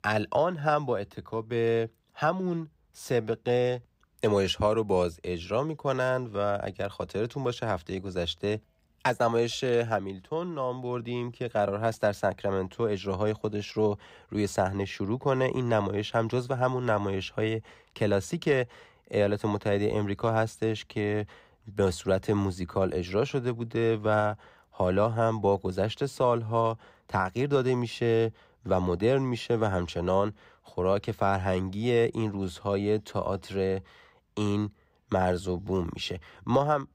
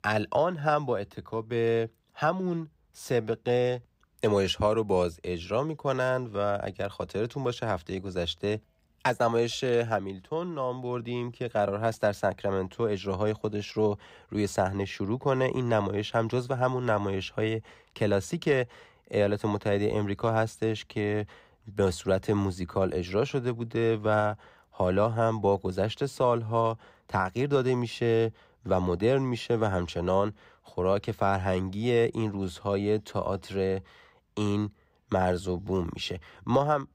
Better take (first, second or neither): neither